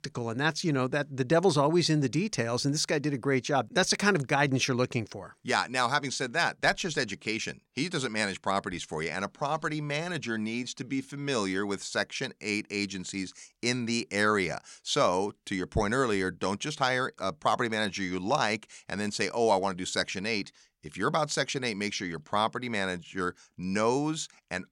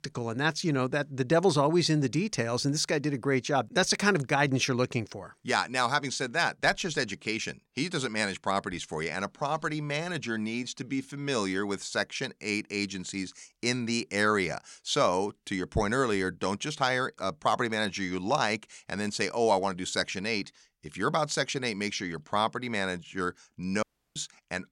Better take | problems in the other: first | audio cutting out; at 24 s

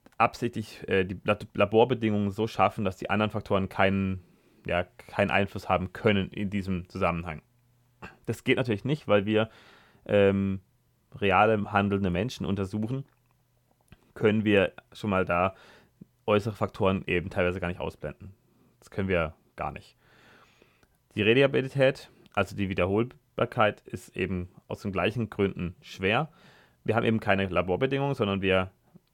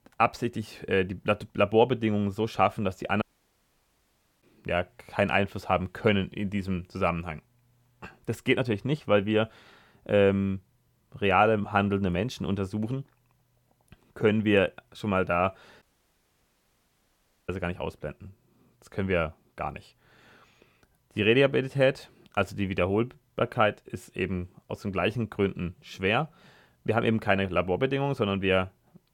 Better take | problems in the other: first | audio cutting out; at 3 s for 1 s and at 16 s for 1.5 s

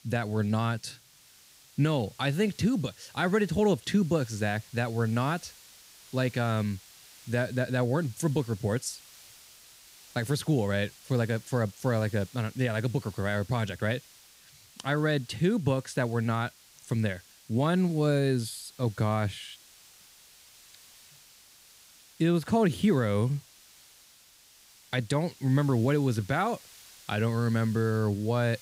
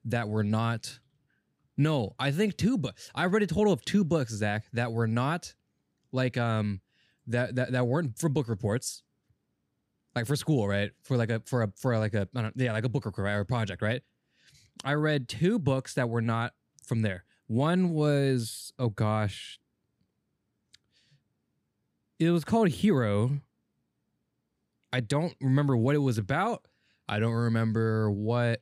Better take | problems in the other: second | hiss; faint; throughout; 25 dB below the speech

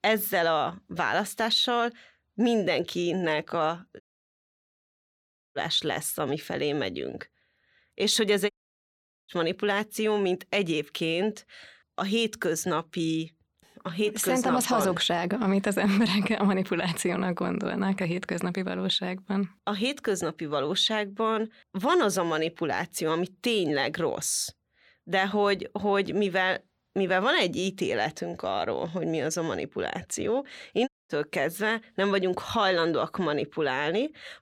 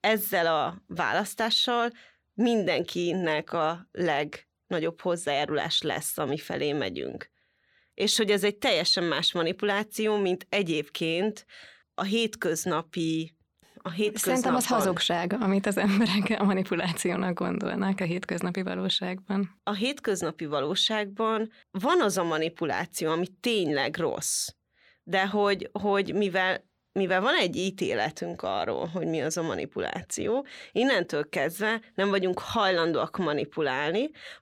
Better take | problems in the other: second | audio cutting out; at 4 s for 1.5 s, at 8.5 s for 1 s and at 31 s

